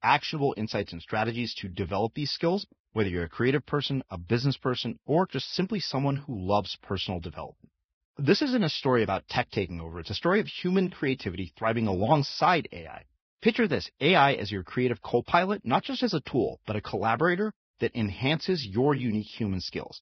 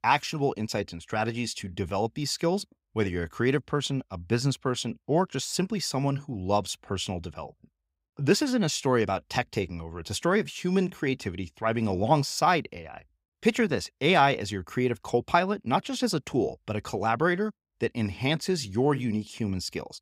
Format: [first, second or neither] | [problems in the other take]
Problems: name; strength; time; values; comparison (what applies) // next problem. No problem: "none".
second | garbled, watery; badly; nothing above 5.5 kHz